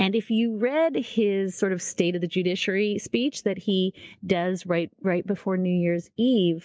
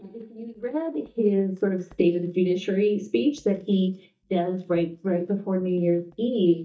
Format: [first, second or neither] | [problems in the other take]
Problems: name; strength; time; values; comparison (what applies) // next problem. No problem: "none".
first | noise reduction (neural mask model DeepFilterNet 3)